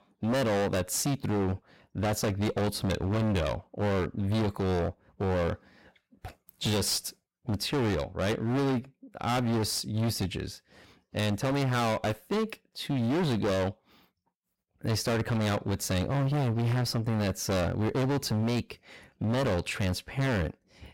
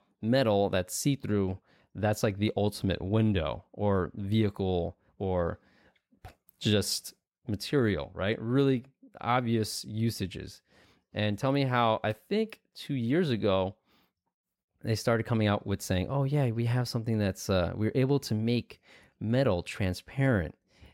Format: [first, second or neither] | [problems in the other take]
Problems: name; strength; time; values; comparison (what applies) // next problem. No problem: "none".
second | distortion; heavy; 26% of the sound clipped